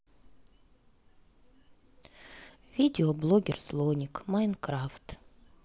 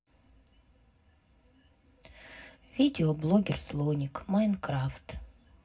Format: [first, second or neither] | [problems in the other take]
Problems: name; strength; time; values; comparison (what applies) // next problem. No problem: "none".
first | room echo; dies away in 0.4 s